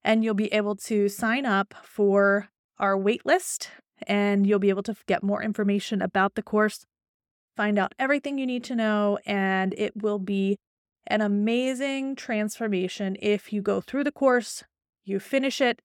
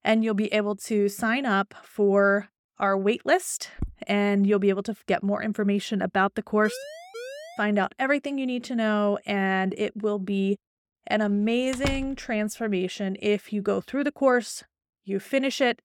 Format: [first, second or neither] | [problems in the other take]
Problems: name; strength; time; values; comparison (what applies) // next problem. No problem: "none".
first | footsteps; faint; at 4 s; peak 15 dB below the speech // siren; faint; at 6.5 s; peak 15 dB below the speech // door banging; noticeable; at 12 s; peak 7 dB below the speech